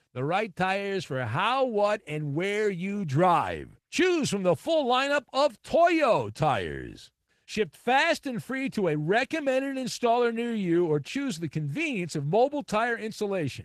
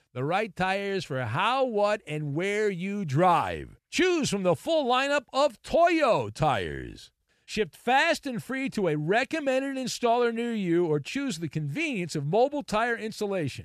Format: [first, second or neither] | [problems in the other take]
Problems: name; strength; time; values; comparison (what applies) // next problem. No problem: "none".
second | garbled, watery; slightly; nothing above 14 kHz